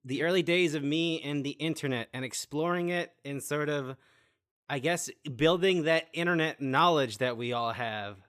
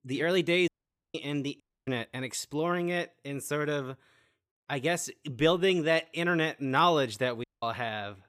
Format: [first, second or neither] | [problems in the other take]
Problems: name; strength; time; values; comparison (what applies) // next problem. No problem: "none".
first | audio cutting out; at 0.5 s, at 1.5 s and at 7.5 s